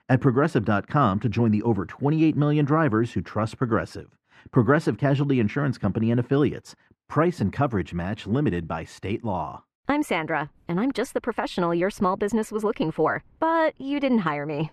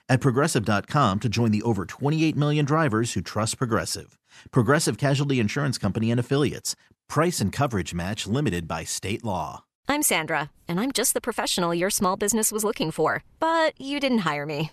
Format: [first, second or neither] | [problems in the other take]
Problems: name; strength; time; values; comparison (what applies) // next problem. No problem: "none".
second | muffled; very; fading above 4 kHz